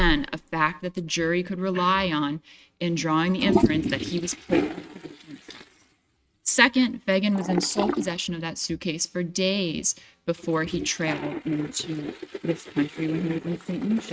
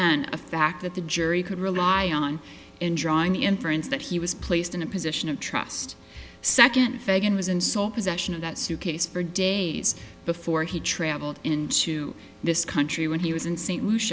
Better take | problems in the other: second | noise reduction (neural mask model RNNoise)

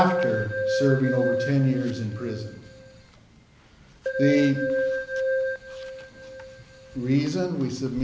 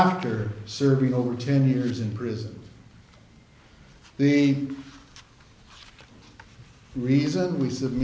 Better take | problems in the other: second | background sound (Keyboard (musical)); 2 dB below the speech

